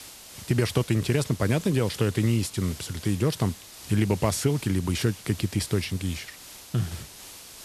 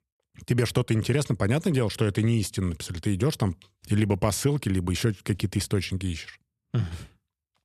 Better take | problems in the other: second | hiss; noticeable; throughout; 15 dB below the speech

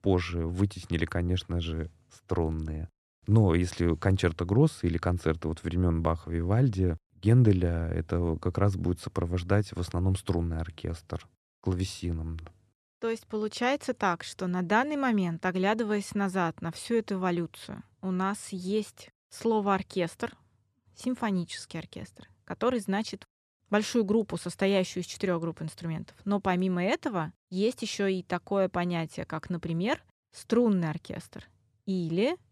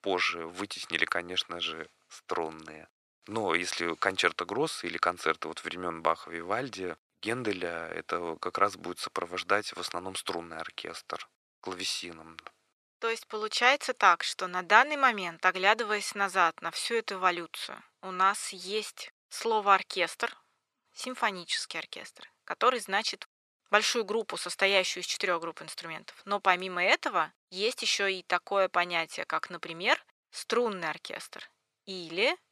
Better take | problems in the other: first | thin; very; fading below 650 Hz

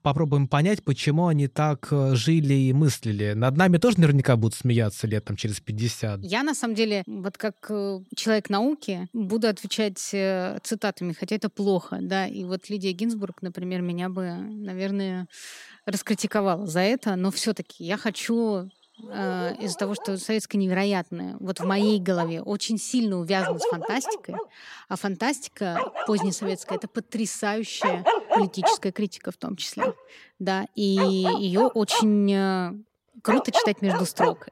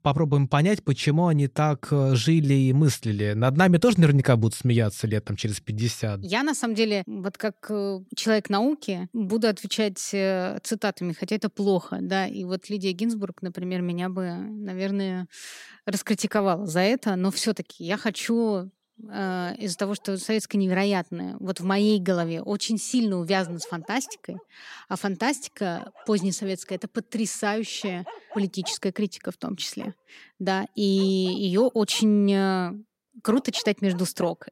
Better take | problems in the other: second | animal sounds; loud; throughout; 3 dB below the speech; faint in the second

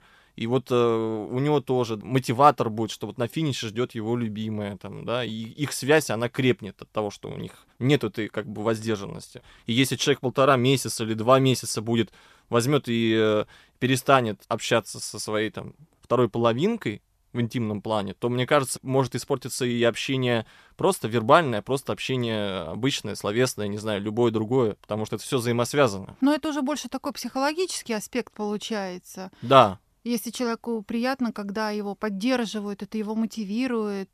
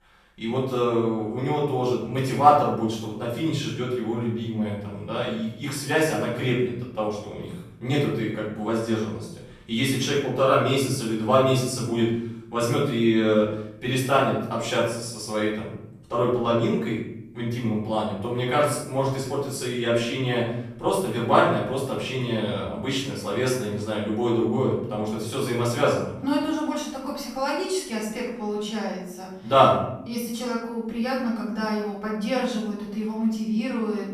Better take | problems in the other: first | room echo; noticeable; dies away in 0.7 s // off-mic speech; far

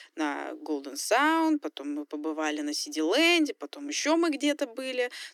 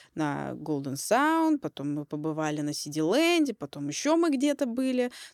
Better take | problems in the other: second | thin; very slightly; fading below 300 Hz

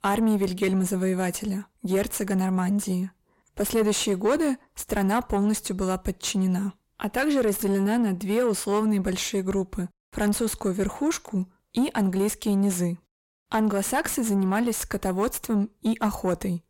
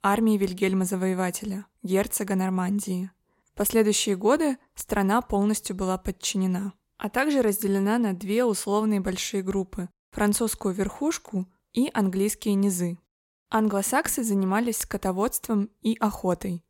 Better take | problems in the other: second | distortion; slight; 10 dB below the speech

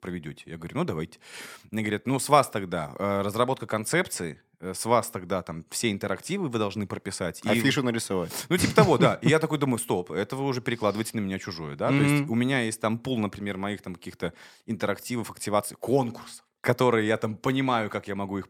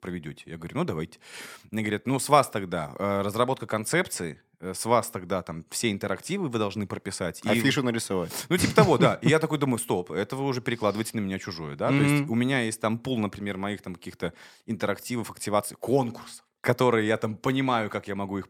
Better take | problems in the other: neither | none

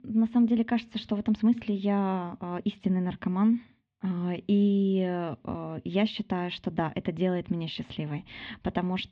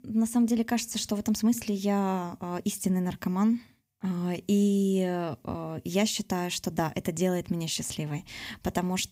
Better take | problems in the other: second | muffled; very; fading above 3.5 kHz

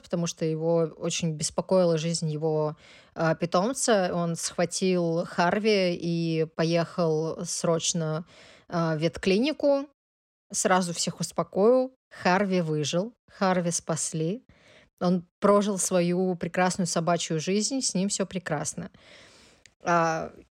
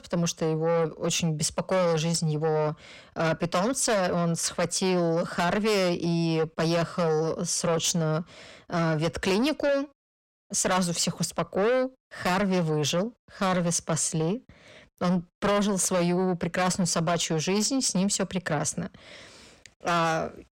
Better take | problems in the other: first | distortion; heavy; 8 dB below the speech

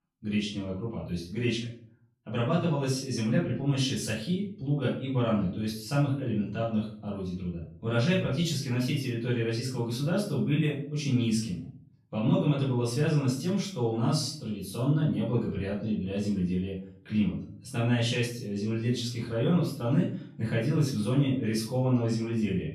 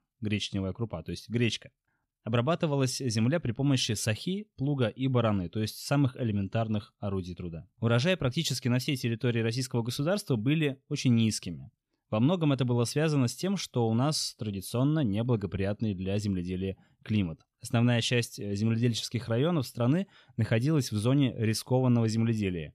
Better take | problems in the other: second | off-mic speech; far // room echo; noticeable; dies away in 0.4 s

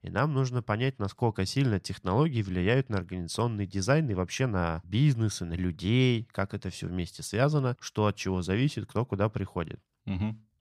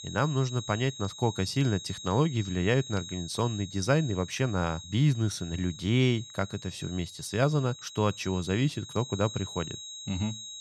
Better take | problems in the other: first | high-pitched whine; noticeable; throughout; 4 kHz, 10 dB below the speech

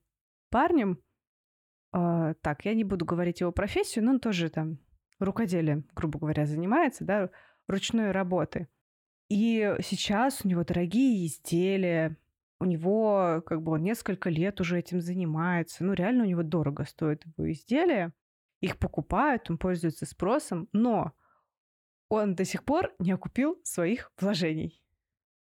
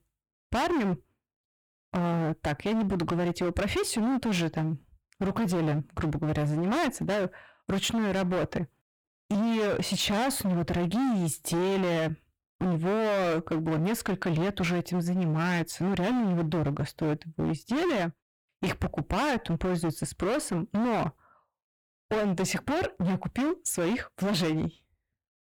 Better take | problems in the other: first | distortion; heavy; 27% of the sound clipped

